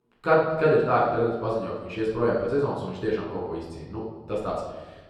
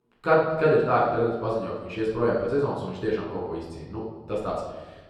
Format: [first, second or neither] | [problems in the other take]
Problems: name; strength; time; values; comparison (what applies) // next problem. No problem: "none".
neither | off-mic speech; far; the same in both // room echo; noticeable; dies away in 1 s; the same in both